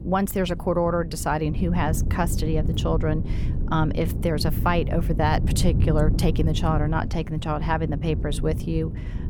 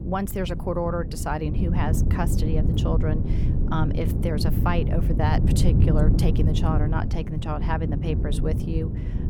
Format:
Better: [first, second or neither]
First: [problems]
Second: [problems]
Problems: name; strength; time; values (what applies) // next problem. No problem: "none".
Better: first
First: wind noise on the microphone; occasional gusts; 10 dB below the speech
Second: wind noise on the microphone; heavy; 5 dB below the speech